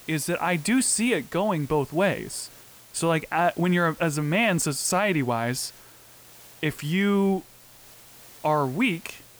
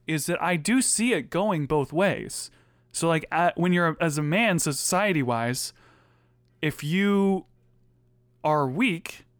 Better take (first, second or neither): second